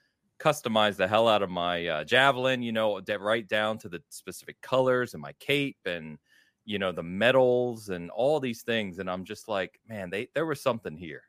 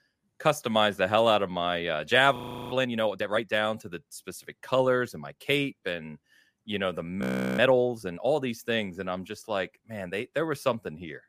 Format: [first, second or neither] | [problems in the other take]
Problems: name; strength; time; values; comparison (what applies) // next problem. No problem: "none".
first | audio freezing; at 2.5 s and at 7 s